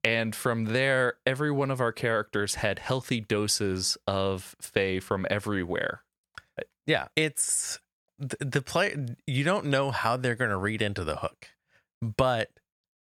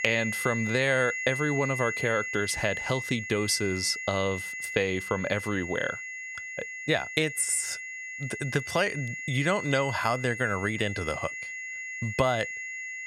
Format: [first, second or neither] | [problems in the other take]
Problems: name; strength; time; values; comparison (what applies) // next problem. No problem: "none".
first | high-pitched whine; loud; throughout; 2 kHz, 5 dB below the speech